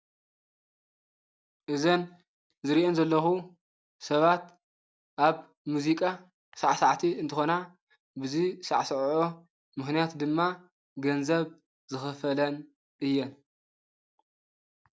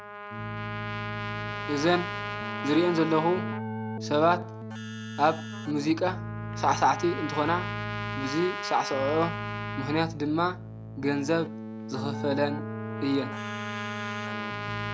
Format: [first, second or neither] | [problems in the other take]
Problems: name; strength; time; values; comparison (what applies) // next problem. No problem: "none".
first | background sound (Trumpet + Keyboard (musical)); 5 dB below the speech